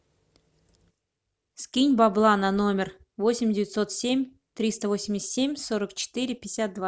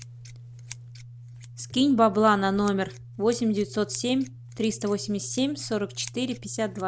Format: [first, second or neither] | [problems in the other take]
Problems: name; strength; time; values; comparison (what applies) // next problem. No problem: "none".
first | background sound (Scissors); 16 dB below the speech